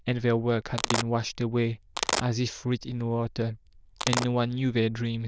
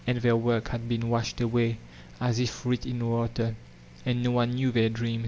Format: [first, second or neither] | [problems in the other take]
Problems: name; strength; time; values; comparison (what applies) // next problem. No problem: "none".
second | noise reduction (neural diffusion model UNIVERSE++)